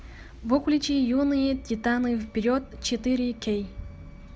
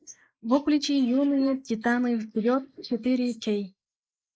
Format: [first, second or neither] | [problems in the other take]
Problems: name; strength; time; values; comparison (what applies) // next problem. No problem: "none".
first | noise reduction (neural mask model Resemble Enhance denoiser)